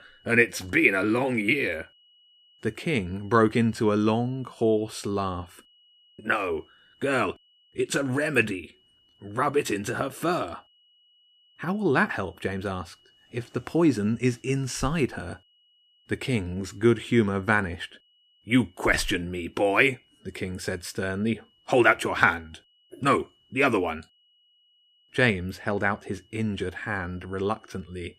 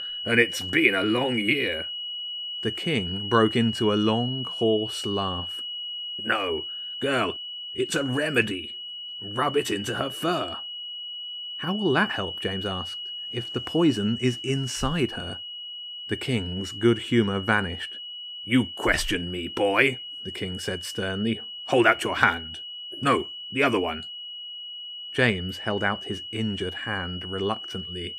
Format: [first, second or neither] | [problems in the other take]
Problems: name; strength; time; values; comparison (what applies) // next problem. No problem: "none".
first | high-pitched whine; loud; throughout; 3 kHz, 7 dB below the speech; faint in the first